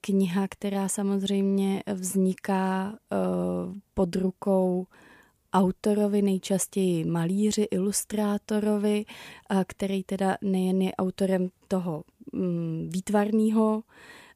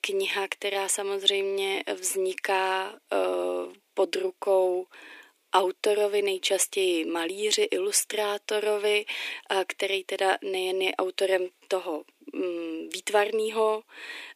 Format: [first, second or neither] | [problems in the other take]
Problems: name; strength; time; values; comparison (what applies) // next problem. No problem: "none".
first | thin; very; fading below 300 Hz